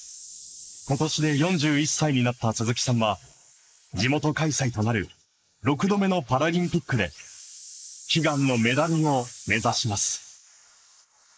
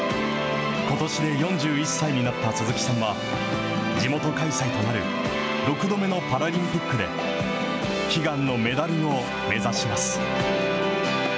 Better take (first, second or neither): second